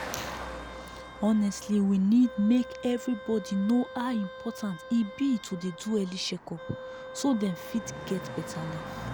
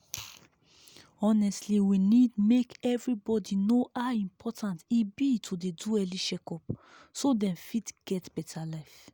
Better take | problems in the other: second | background sound (Wind instrument, woodwind instrument + Car passing by); 12 dB below the speech

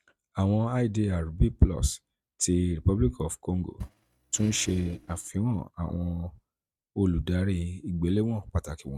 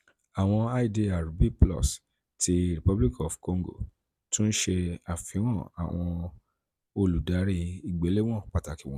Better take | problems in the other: second | noise reduction (neural mask model RNNoise)

